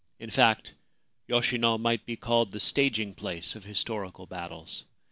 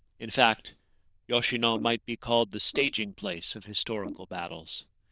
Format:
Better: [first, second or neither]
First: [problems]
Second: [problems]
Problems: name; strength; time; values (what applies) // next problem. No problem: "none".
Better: first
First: none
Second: noise reduction (neural diffusion model UNIVERSE++)